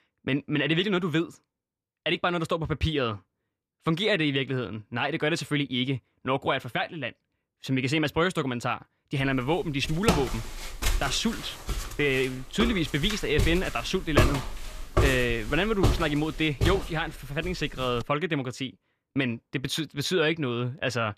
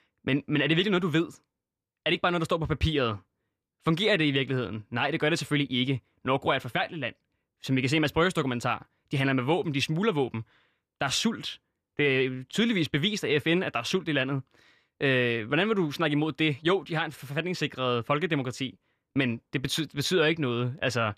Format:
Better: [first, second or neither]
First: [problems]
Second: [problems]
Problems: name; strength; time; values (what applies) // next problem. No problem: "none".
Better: second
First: footsteps; loud; from 10 to 18 s; peak 3 dB above the speech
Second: none